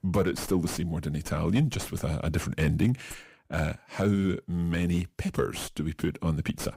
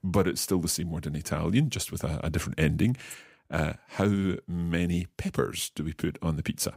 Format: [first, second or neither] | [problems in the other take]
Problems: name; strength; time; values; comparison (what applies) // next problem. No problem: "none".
second | distortion; slight; 7 dB below the speech